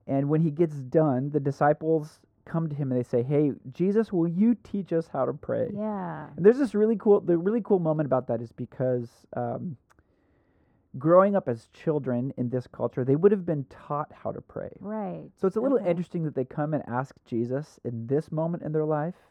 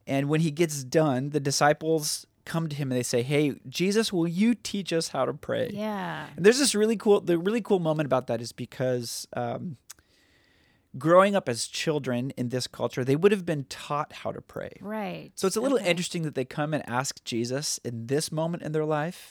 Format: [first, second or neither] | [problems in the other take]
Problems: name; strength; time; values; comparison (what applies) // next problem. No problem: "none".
second | muffled; very; fading above 1.5 kHz